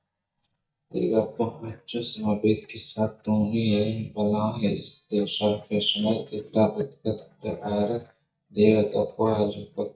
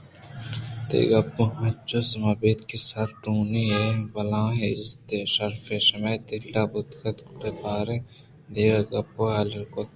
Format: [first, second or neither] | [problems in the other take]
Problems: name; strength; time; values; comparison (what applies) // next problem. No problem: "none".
second | noise reduction (neural mask model DeepFilterNet 3)